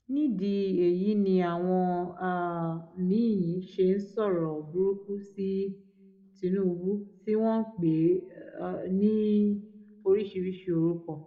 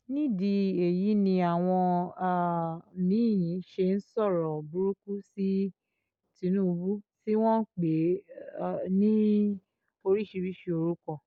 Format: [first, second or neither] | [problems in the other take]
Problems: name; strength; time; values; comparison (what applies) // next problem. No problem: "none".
second | room echo; dies away in 0.6 s